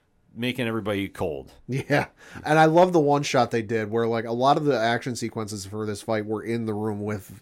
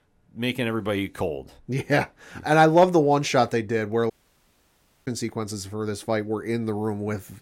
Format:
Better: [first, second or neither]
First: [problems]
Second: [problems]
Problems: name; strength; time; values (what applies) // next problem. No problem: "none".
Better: first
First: none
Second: audio cutting out; at 4 s for 1 s